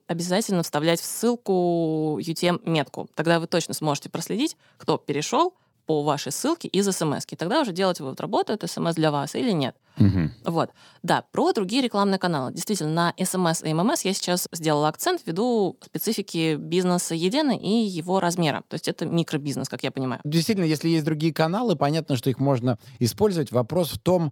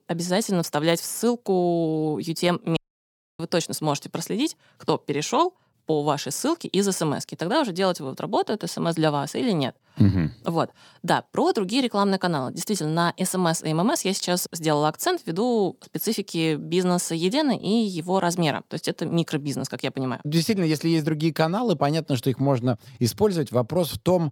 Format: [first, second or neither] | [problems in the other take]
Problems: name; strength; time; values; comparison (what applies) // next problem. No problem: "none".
first | audio cutting out; at 3 s for 0.5 s